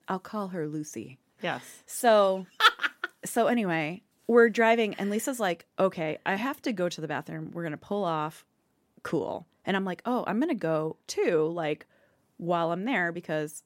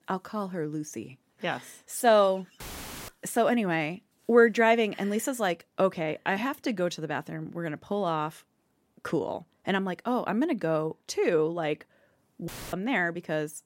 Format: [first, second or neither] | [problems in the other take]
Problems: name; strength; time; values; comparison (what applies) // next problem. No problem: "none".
first | audio cutting out; filled with static; at 2.5 s and at 12 s